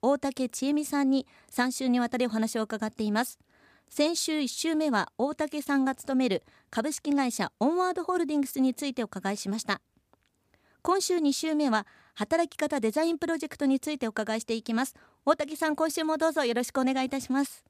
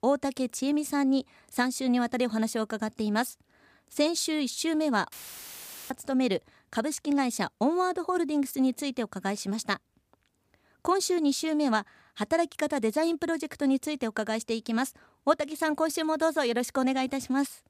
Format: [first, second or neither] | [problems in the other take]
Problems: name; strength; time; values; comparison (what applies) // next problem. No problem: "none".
first | audio cutting out; filled with static; at 5 s for 1 s